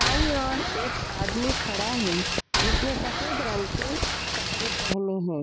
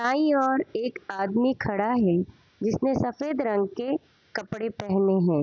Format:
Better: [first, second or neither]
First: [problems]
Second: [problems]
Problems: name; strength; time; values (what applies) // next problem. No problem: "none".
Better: second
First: background sound (Boat, Water vehicle); 3 dB above the speech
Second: none